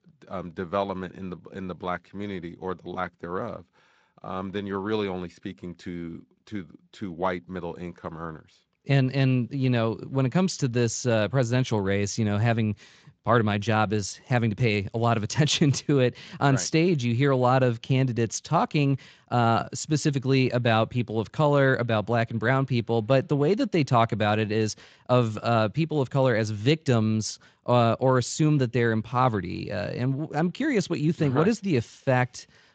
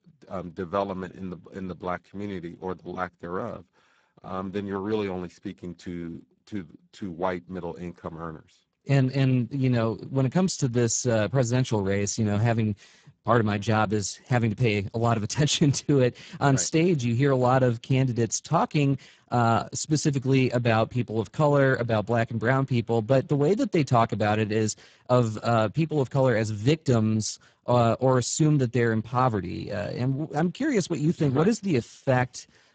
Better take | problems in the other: first | garbled, watery; badly; nothing above 7.5 kHz; slightly in the first

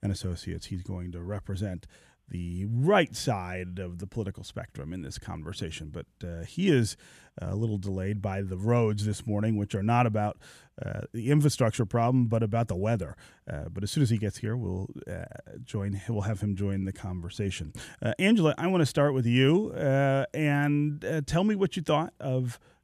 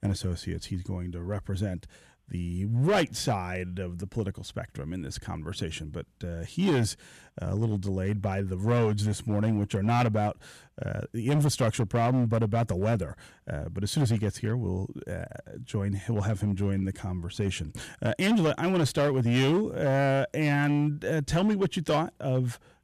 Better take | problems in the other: first | distortion; slight; 7% of the sound clipped

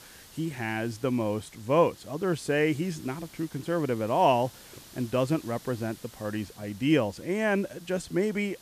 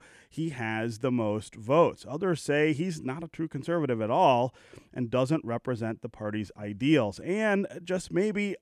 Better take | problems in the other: second | hiss; faint; throughout; 20 dB below the speech

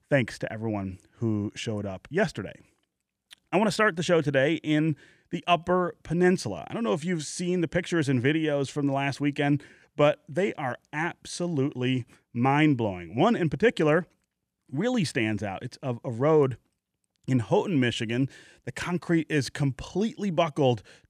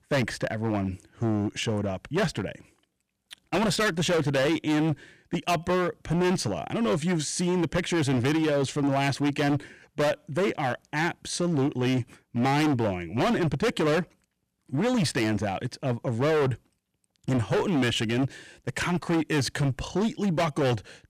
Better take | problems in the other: first | distortion; heavy; 18% of the sound clipped

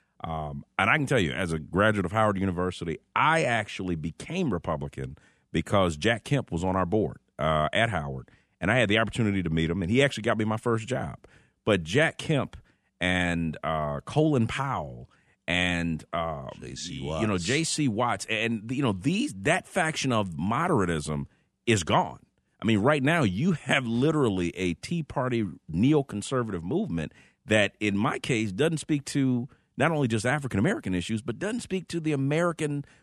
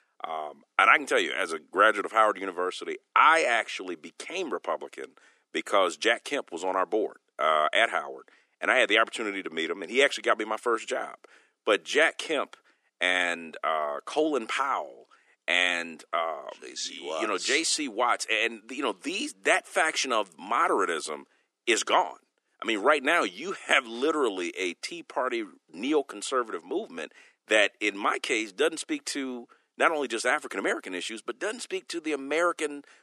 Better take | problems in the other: first | thin; very; fading below 350 Hz

